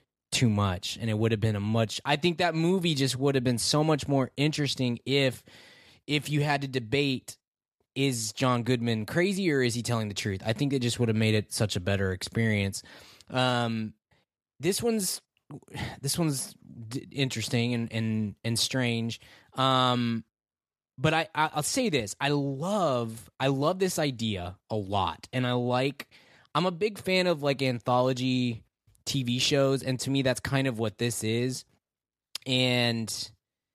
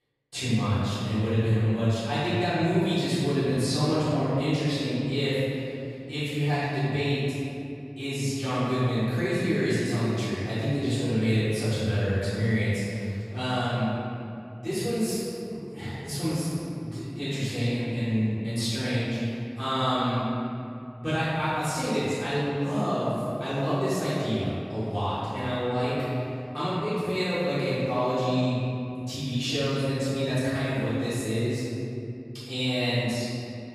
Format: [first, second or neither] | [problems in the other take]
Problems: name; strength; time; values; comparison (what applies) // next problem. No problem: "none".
first | off-mic speech; far // room echo; strong; dies away in 2.7 s